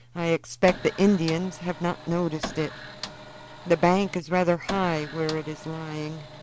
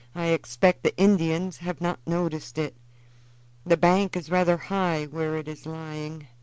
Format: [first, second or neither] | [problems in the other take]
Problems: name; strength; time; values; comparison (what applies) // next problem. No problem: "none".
second | background sound (Printer); 13 dB below the speech